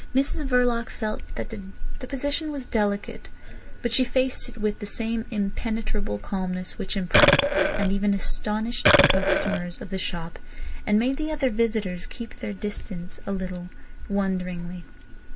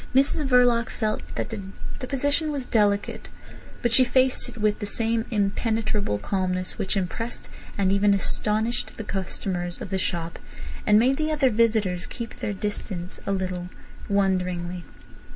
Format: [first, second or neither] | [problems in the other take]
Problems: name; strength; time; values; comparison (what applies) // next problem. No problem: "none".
second | background sound (Burping, eructation); 4 dB above the speech